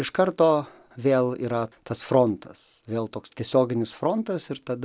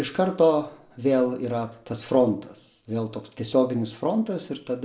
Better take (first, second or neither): first